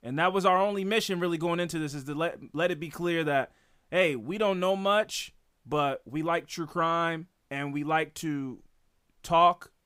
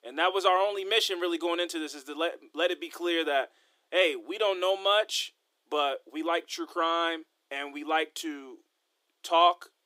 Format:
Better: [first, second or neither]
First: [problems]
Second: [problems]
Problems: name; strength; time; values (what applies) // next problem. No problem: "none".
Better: first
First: none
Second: thin; somewhat; fading below 300 Hz